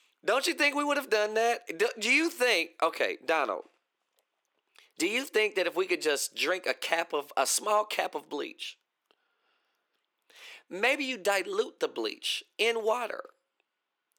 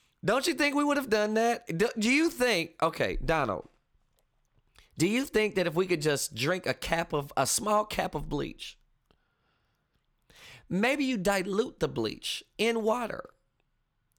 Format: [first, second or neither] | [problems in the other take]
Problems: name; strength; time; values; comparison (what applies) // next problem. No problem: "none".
second | thin; somewhat; fading below 350 Hz